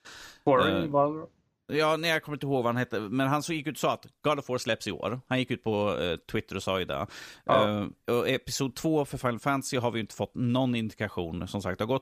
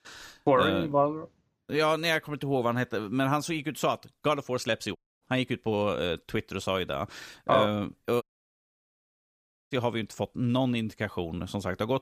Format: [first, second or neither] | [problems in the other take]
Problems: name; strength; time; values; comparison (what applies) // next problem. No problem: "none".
first | audio cutting out; at 5 s and at 8 s for 1.5 s